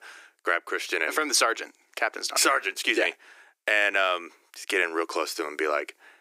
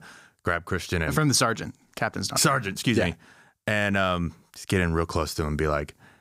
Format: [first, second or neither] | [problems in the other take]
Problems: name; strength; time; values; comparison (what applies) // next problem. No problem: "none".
second | thin; very; fading below 300 Hz